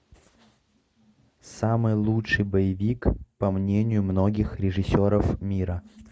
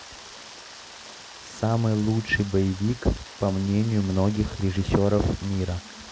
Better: first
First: none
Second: background sound (Rain); 18 dB below the speech

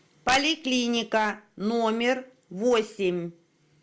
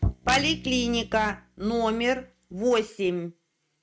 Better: first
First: none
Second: noise reduction (neural mask model RNNoise)

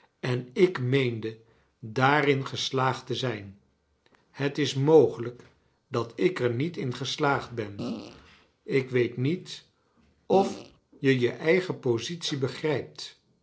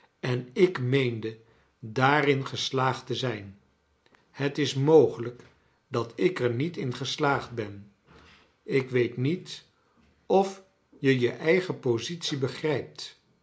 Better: second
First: noise reduction (neural separator model SepFormer DNS4)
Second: none

